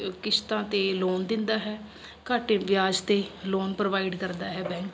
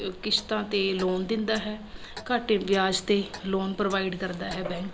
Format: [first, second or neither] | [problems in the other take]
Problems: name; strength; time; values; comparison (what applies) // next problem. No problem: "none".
first | background sound (Clock); 16 dB below the speech